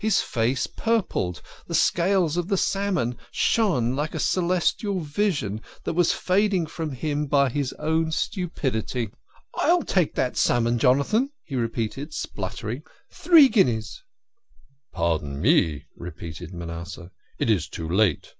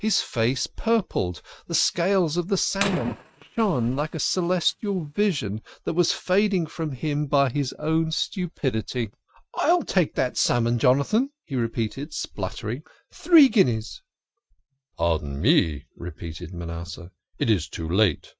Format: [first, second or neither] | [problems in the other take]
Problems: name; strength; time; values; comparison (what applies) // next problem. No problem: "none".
first | noise reduction (neural mask model RNNoise)